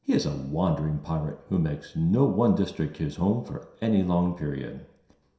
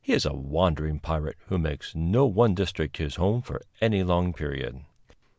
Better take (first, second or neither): second